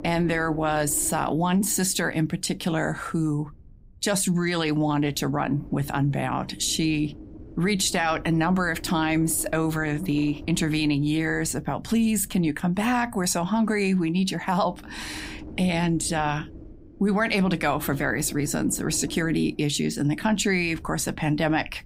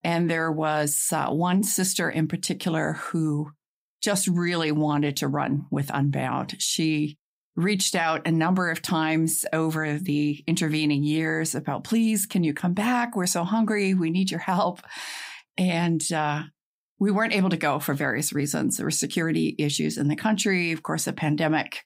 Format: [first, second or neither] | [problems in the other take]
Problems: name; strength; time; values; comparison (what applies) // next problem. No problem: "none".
second | wind noise on the microphone; occasional gusts; 20 dB below the speech